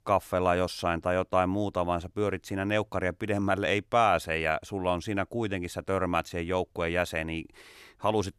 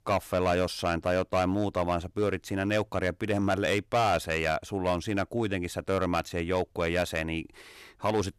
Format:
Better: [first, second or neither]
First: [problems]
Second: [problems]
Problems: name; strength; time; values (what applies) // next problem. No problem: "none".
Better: first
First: none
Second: distortion; slight; 6% of the sound clipped